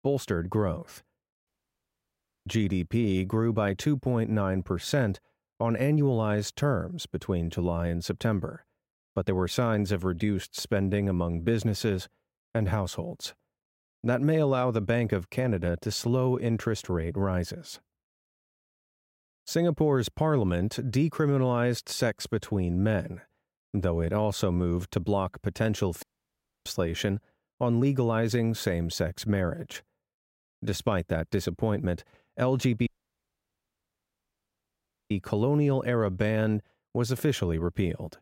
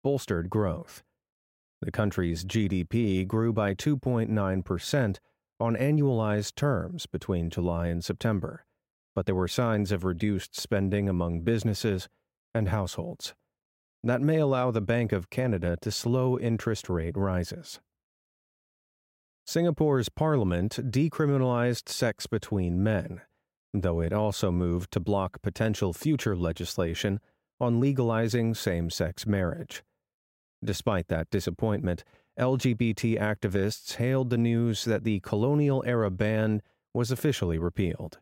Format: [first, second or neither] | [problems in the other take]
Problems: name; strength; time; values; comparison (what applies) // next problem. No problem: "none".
second | audio cutting out; at 1.5 s for 1 s, at 26 s for 0.5 s and at 33 s for 2 s